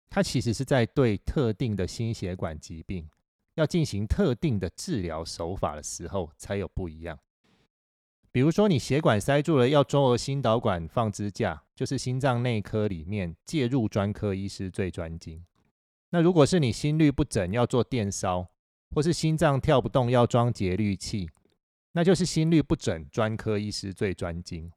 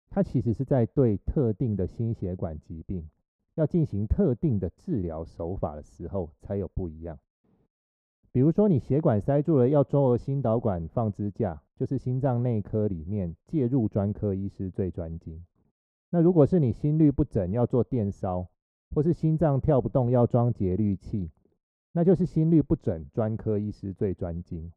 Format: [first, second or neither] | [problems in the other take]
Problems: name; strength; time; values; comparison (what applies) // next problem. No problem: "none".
first | muffled; very; fading above 1.5 kHz